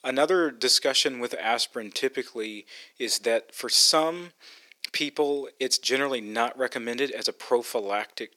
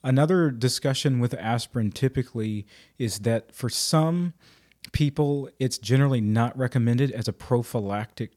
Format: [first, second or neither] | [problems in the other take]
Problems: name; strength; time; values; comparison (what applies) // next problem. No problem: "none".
second | thin; very; fading below 350 Hz